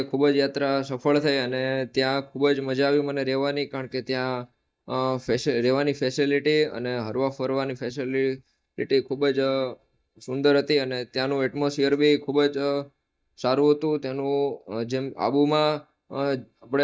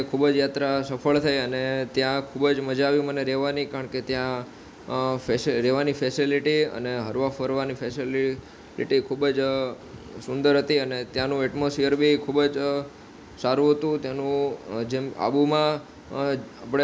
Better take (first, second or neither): second